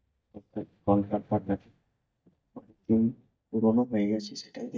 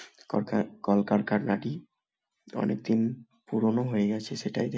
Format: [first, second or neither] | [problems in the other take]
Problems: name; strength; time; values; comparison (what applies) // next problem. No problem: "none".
second | noise reduction (neural mask model DeepFilterNet 3)